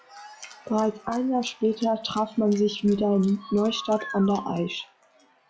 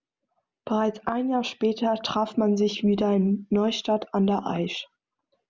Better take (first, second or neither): second